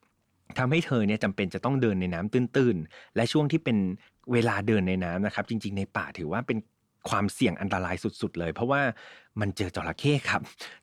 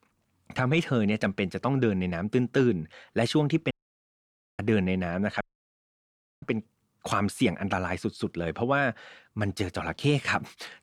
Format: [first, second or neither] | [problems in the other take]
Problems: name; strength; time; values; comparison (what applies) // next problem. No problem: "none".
first | audio cutting out; at 3.5 s for 1 s and at 5.5 s for 1 s